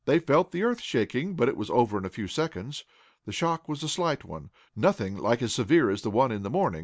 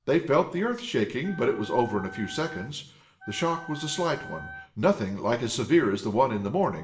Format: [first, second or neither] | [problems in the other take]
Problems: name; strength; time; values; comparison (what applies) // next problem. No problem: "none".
first | background sound (Wind instrument, woodwind instrument); 16 dB below the speech // room echo; dies away in 0.6 s